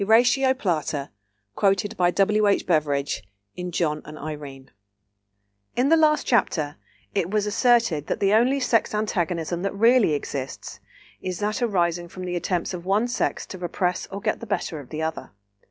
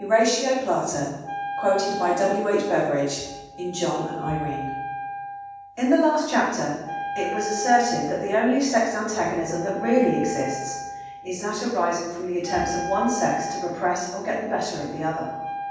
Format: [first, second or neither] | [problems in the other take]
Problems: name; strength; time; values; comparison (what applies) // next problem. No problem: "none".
first | background sound (Wind instrument, woodwind instrument); 9 dB below the speech // room echo; dies away in 1.2 s